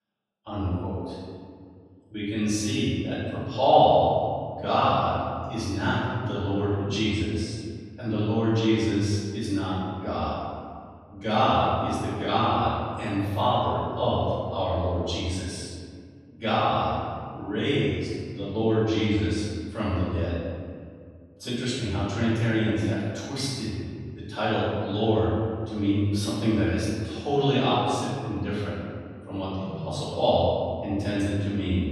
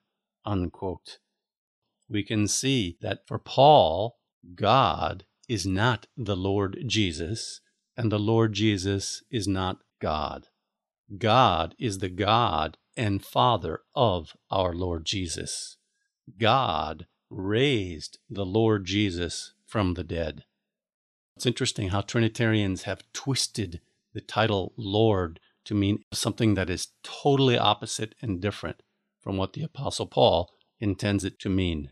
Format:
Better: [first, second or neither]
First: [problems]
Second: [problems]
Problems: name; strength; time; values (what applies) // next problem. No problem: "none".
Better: second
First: off-mic speech; far // room echo; strong; dies away in 2 s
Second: none